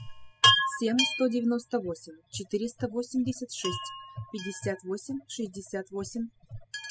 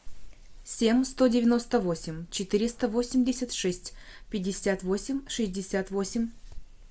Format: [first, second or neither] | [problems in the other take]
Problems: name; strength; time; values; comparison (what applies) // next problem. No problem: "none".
second | noise reduction (classical method spectral subtraction)